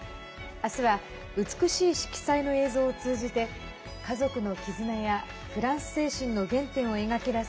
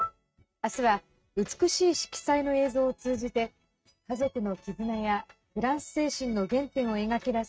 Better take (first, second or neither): first